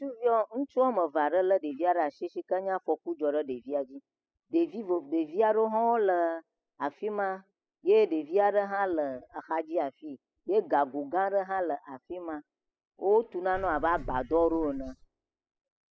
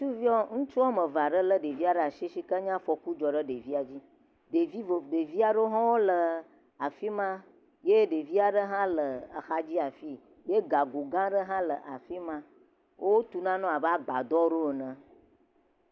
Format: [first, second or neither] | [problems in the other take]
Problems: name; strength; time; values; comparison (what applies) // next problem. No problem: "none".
second | noise reduction (classical method spectral subtraction)